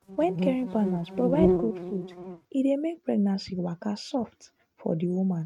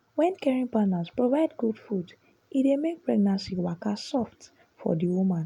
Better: second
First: noise reduction (neural mask model RNNoise)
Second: none

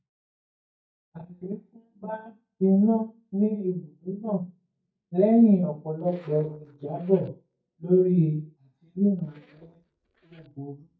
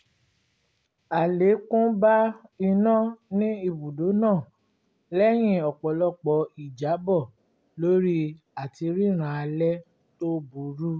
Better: second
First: noise reduction (neural mask model DeepFilterNet 3)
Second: none

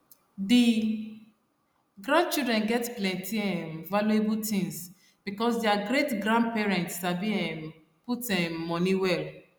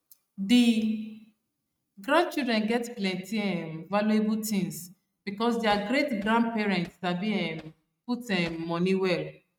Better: first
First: none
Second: noise reduction (neural mask model RNNoise)

